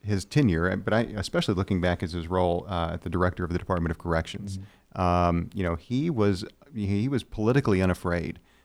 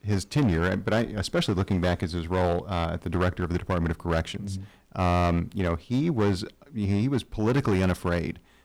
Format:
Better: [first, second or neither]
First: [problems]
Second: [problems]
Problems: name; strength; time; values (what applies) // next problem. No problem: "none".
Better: first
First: none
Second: distortion; slight; 8% of the sound clipped